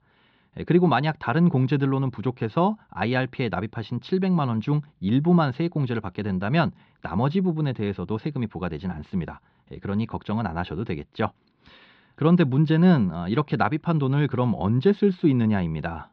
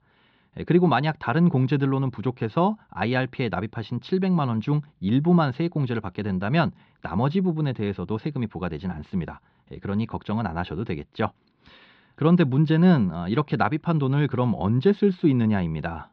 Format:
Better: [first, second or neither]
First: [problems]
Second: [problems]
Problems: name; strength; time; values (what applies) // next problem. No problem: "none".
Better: neither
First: muffled; slightly; fading above 4 kHz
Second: muffled; slightly; fading above 4 kHz